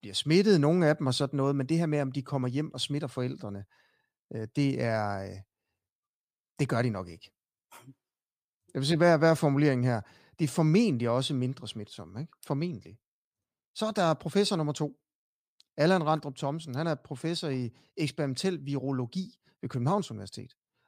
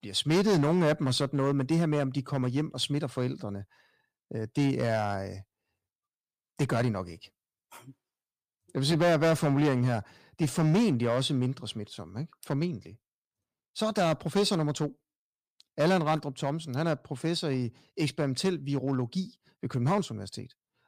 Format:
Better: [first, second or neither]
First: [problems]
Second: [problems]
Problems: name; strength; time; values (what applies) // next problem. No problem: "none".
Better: first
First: none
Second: distortion; slight; 5% of the sound clipped